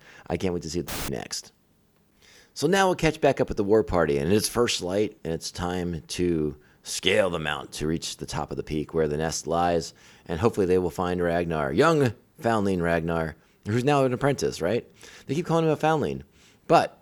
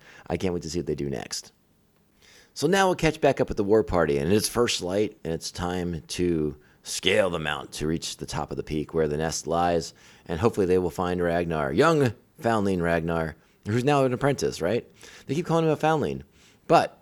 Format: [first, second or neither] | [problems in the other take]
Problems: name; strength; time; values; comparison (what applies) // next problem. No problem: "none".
second | audio cutting out; filled with static; at 1 s